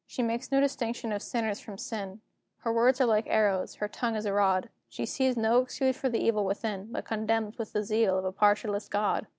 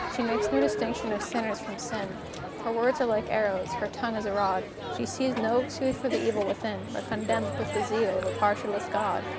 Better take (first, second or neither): first